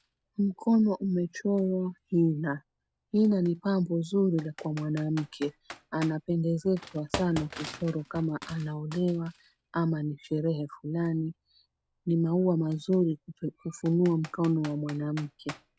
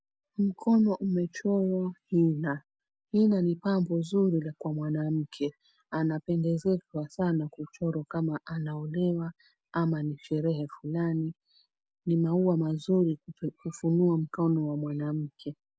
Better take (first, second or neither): second